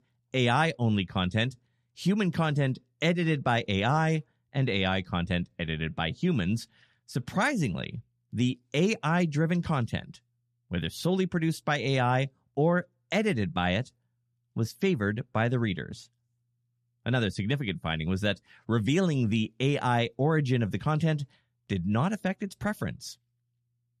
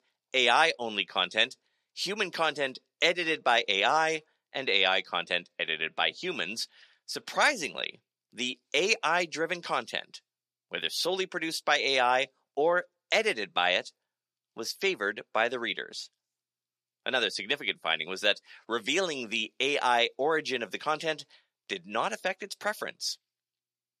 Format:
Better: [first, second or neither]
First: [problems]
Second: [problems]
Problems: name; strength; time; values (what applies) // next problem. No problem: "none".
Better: first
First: none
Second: thin; very; fading below 450 Hz